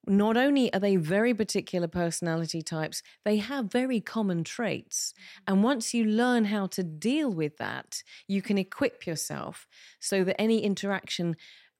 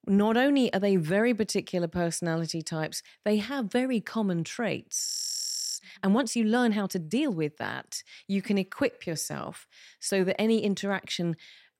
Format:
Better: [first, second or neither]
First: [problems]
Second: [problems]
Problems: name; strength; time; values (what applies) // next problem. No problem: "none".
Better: first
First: none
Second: audio freezing; at 5 s for 0.5 s